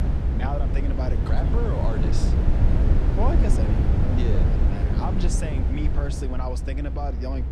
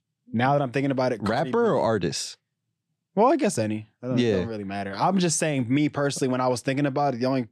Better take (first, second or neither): second